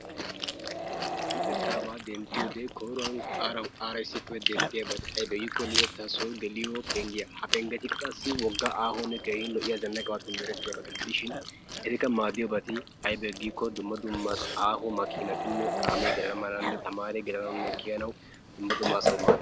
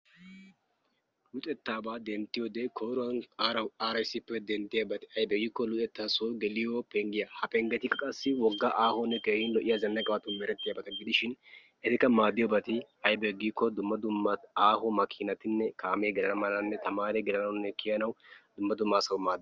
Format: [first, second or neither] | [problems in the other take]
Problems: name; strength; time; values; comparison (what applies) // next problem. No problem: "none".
second | background sound (Growling + Chewing, mastication); as loud as the speech